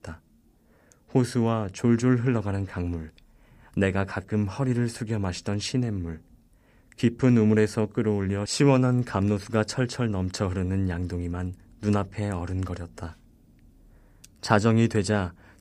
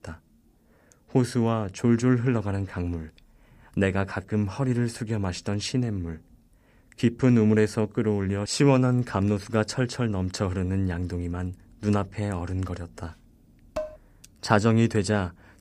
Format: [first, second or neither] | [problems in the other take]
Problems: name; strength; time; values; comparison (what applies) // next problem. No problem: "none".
first | clattering dishes; noticeable; at 14 s; peak 10 dB below the speech